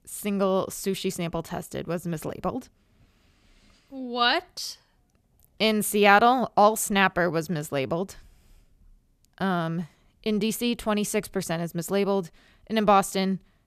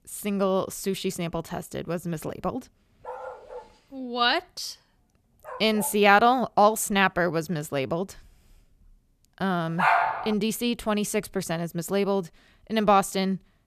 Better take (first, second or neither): first